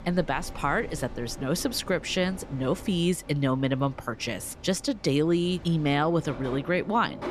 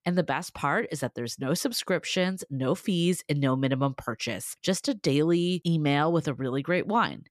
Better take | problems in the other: second | train or aircraft noise; noticeable; throughout; 15 dB below the speech

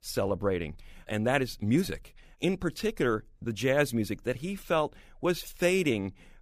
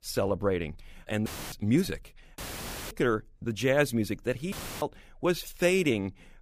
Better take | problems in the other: first | audio cutting out; filled with static; at 1.5 s, at 2.5 s for 0.5 s and at 4.5 s

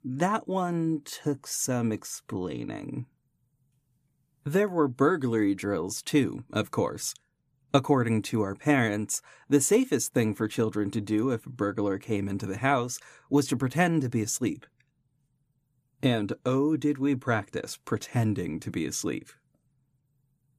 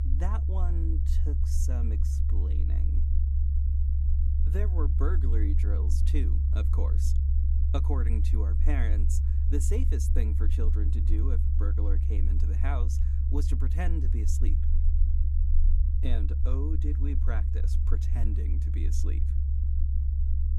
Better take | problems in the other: first | low rumble; loud; throughout; 3 dB below the speech

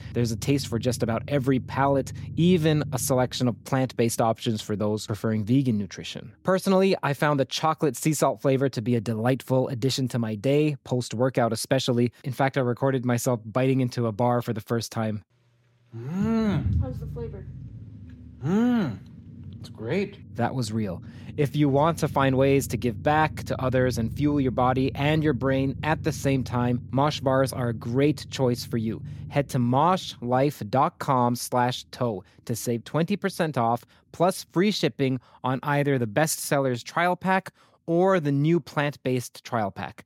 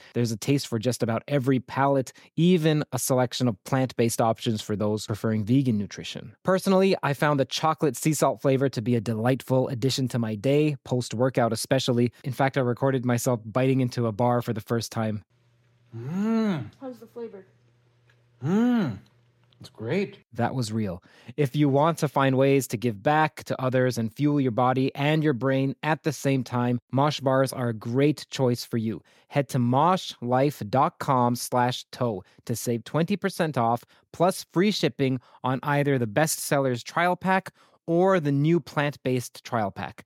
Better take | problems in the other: second | low rumble; faint; throughout; 25 dB below the speech

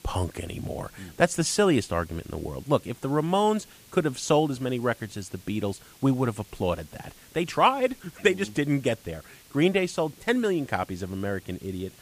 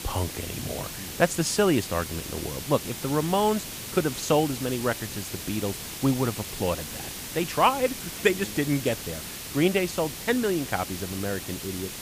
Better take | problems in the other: first | hiss; loud; throughout; 7 dB below the speech; faint in the first

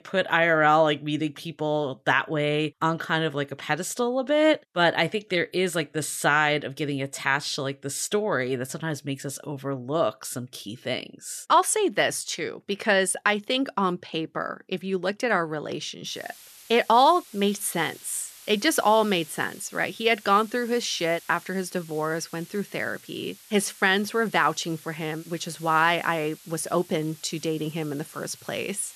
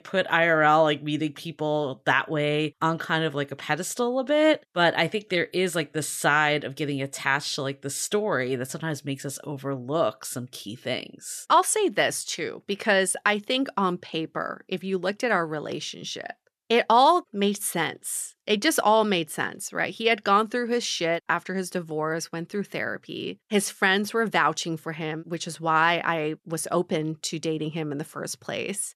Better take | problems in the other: second | hiss; faint; from 16 s on; 20 dB below the speech

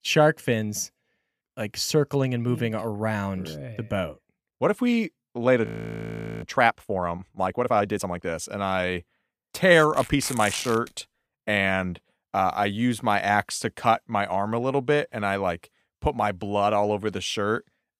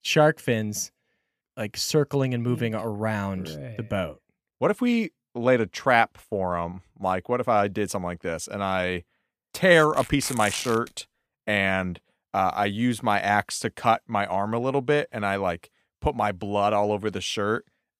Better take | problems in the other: second | audio freezing; at 5.5 s for 1 s

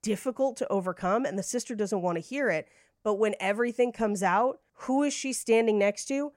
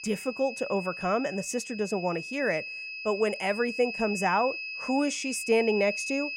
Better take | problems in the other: first | high-pitched whine; loud; throughout; 2.5 kHz, 7 dB below the speech

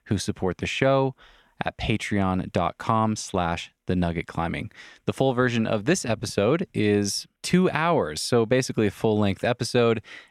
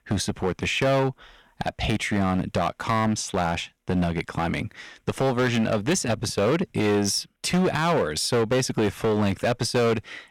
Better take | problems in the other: first | distortion; heavy; 12% of the sound clipped

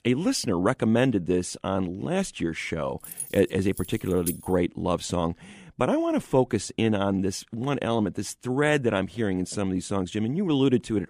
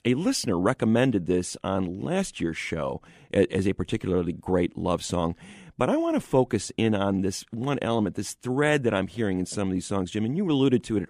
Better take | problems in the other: second | jangling keys; noticeable; from 3 to 4.5 s; peak 8 dB below the speech

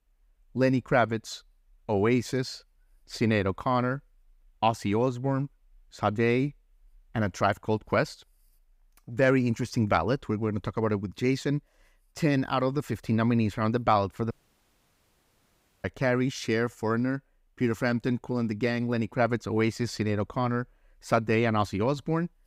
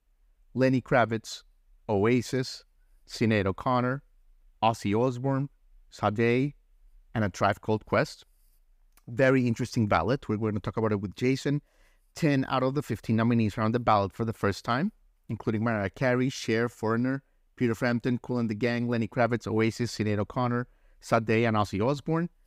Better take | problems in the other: second | audio cutting out; at 14 s for 1.5 s

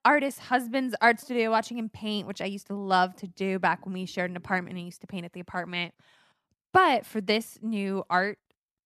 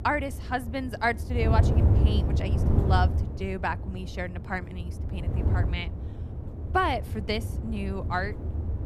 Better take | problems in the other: first | wind noise on the microphone; heavy; 10 dB below the speech

